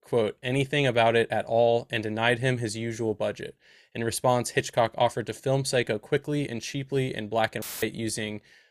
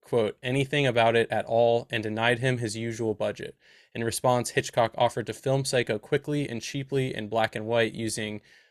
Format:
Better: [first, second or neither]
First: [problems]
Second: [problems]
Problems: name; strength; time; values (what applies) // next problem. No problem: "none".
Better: second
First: audio cutting out; filled with static; at 7.5 s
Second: none